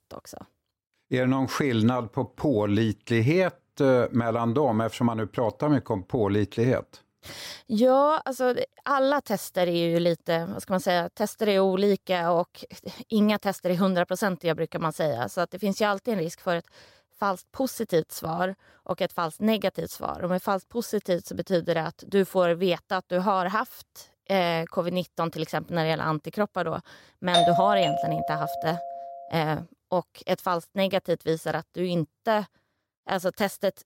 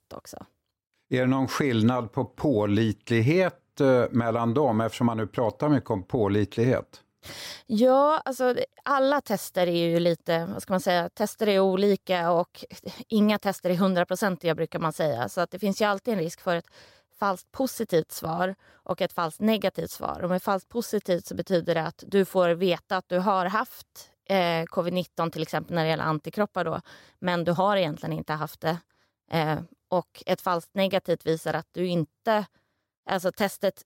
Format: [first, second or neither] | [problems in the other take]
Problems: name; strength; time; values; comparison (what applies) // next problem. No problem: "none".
second | doorbell; loud; from 27 to 29 s; peak 5 dB above the speech